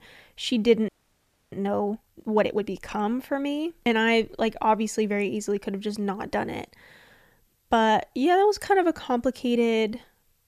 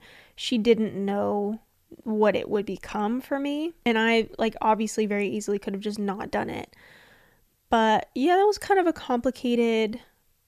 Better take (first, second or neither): second